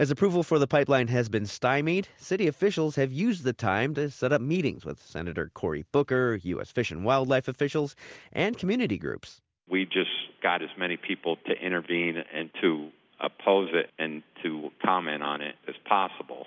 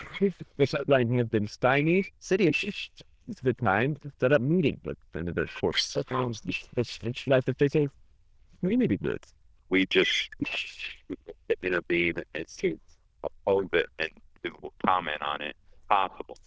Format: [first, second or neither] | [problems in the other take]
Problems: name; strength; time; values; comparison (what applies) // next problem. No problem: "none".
first | noise reduction (neural diffusion model UNIVERSE++)